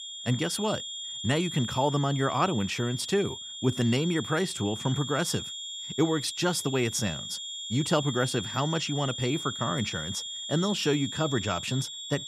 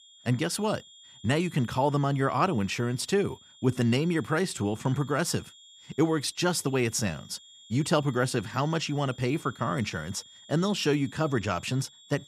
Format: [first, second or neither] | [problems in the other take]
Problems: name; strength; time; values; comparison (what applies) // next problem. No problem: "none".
second | high-pitched whine; loud; throughout; 3.5 kHz, 6 dB below the speech; faint in the second